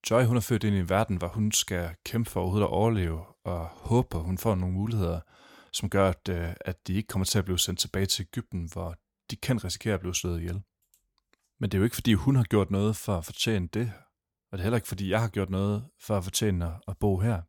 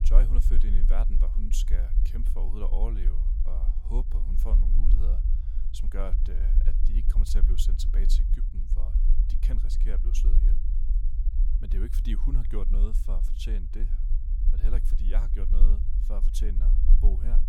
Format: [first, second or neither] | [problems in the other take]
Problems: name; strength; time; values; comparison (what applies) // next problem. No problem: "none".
first | low rumble; loud; throughout; 6 dB below the speech